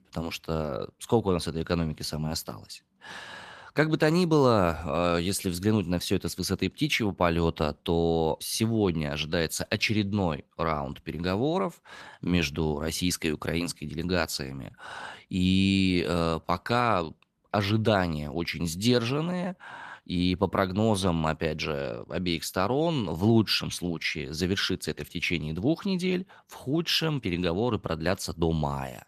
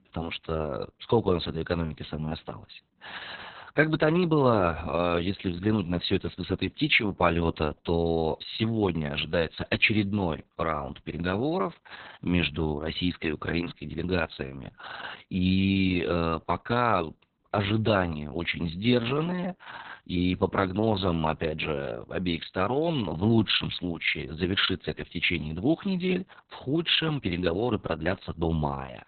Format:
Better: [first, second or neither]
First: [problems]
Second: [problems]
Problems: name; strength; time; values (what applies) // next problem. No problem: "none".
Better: first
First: garbled, watery; slightly; nothing above 14 kHz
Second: garbled, watery; badly; nothing above 4 kHz